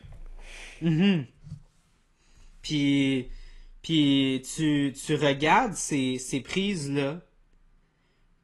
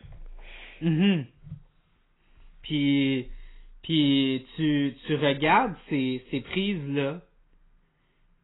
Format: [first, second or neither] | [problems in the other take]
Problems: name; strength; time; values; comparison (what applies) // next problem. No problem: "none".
first | garbled, watery; badly; nothing above 4 kHz; slightly in the first